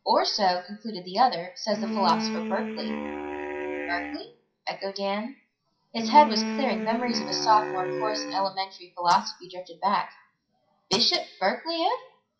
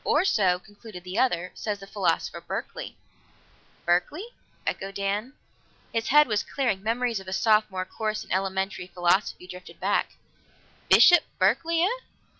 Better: second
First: noise reduction (classical method WPE with log-MMSE)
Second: none

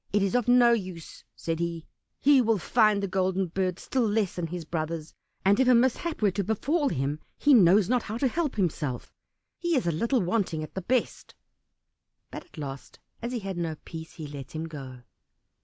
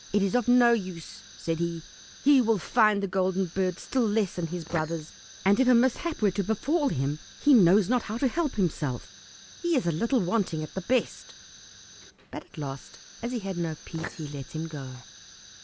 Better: first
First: none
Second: background sound (Fire); 20 dB below the speech

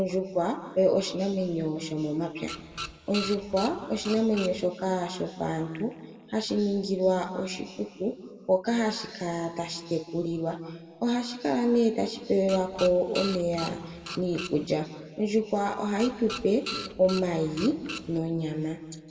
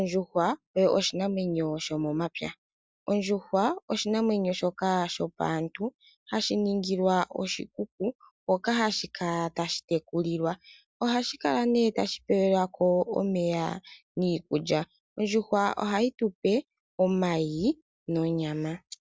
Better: second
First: background sound (Printer); 11 dB below the speech // room echo; dies away in 1.6 s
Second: none

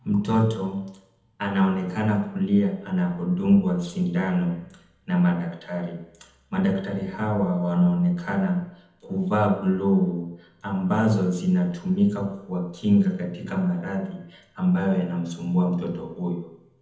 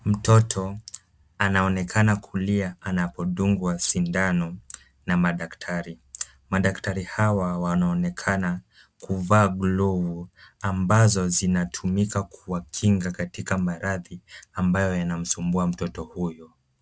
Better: second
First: room echo; dies away in 1 s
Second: none

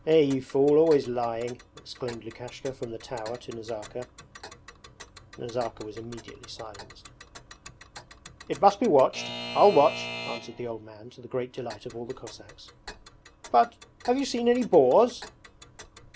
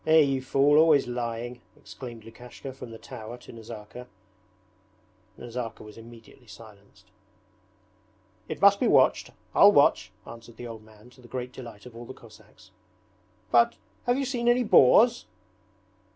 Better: second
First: background sound (Alarm / Clock); 17 dB below the speech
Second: none

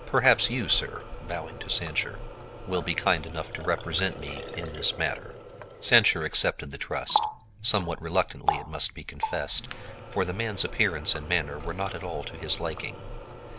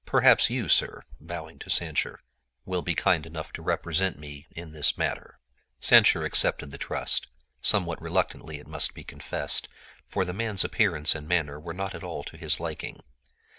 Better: second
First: background sound (Water tap, faucet); 7 dB below the speech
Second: none

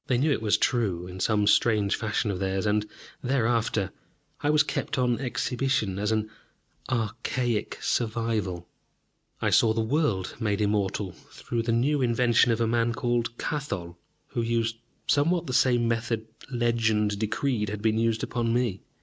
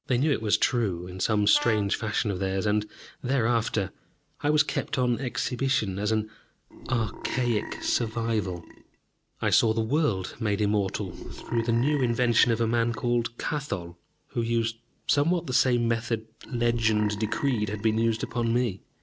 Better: first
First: none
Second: background sound (Brass instrument + Burping, eructation); 13 dB below the speech

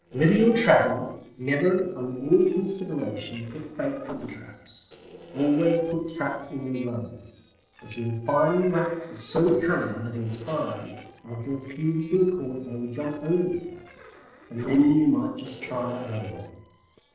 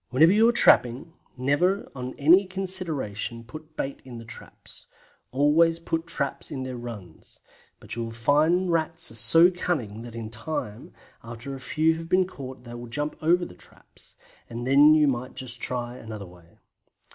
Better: second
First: noise reduction (neural separator model SepFormer DNS4)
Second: none

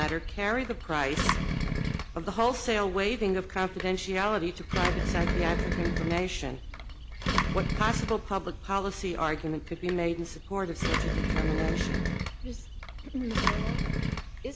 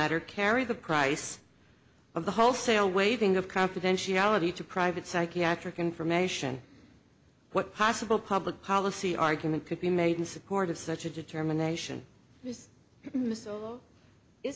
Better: second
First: background sound (Engine); as loud as the speech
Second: none

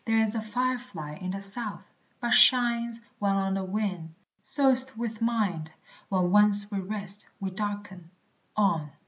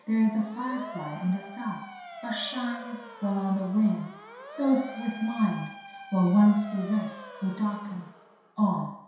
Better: first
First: none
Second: background sound (Motor vehicle (road) / Siren); 16 dB below the speech // room echo; dies away in 0.7 s

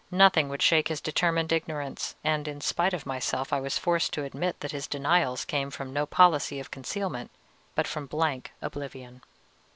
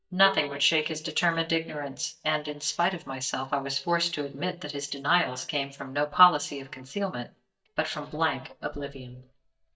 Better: first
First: none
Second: noise reduction (neural mask model DeepFilterNet 3)

